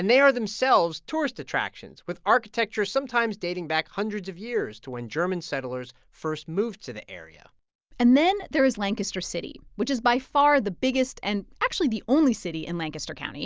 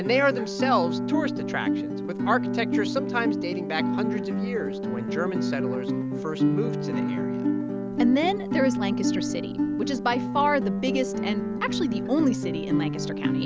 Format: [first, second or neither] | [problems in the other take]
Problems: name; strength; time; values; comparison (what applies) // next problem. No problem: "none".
first | background sound (Guitar); 1 dB above the speech